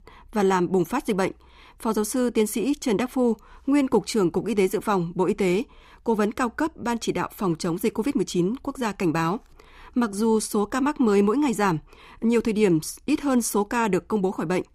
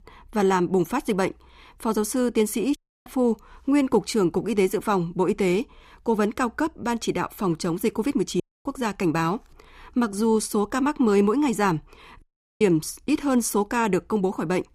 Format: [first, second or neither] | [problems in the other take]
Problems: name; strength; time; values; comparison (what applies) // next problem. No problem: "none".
first | audio cutting out; at 3 s, at 8.5 s and at 12 s